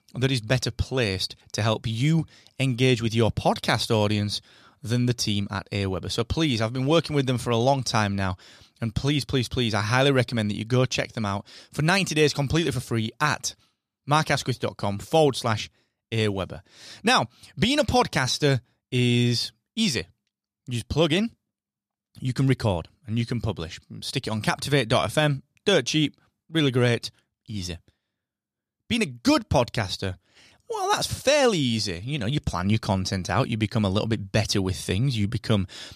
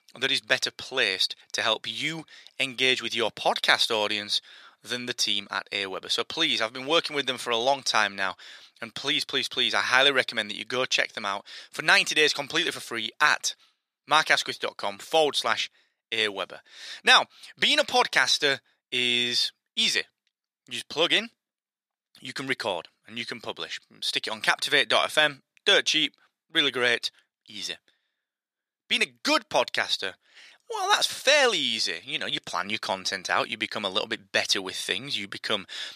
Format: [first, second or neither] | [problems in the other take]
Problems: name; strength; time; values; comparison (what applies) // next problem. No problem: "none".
first | thin; very; fading below 450 Hz